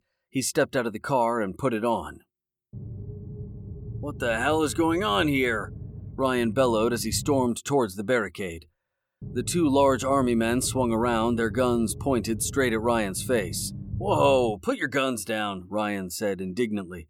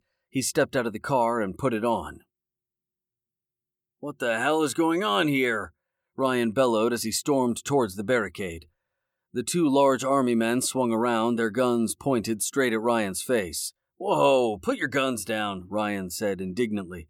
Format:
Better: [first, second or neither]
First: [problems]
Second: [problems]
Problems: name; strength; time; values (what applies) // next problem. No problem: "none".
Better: second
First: low rumble; faint; from 2.5 to 7.5 s and from 9 to 15 s; 25 dB below the speech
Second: none